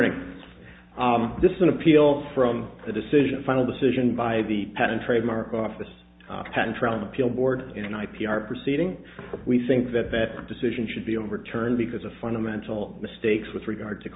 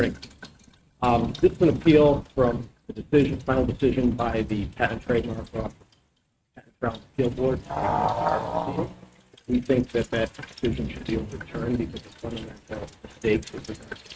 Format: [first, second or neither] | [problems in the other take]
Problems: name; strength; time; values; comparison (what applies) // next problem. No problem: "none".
first | noise reduction (neural mask model RNNoise)